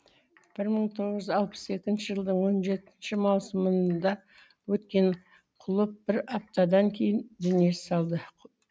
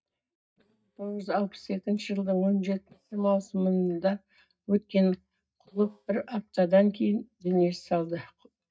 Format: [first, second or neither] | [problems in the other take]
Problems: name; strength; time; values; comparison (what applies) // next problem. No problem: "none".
first | noise reduction (neural mask model DeepFilterNet 3)